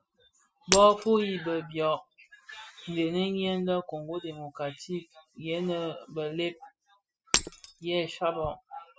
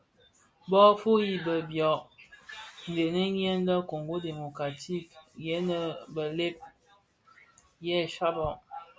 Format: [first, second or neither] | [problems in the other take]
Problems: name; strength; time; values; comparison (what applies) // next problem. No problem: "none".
second | noise reduction (classical method spectral subtraction)